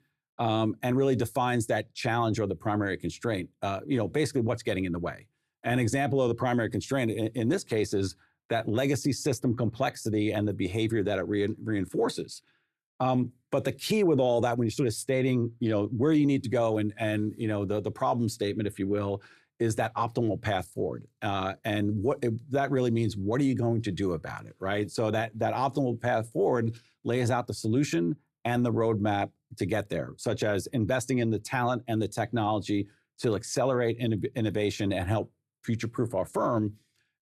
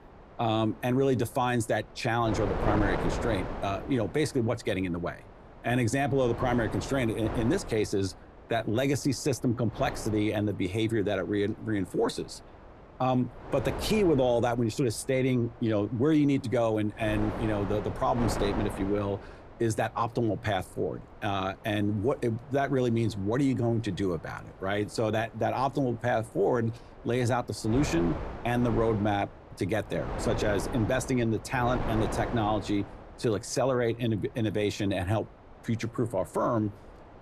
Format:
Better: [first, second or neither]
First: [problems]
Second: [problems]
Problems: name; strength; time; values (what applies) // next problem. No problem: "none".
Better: first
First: none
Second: wind noise on the microphone; heavy; 9 dB below the speech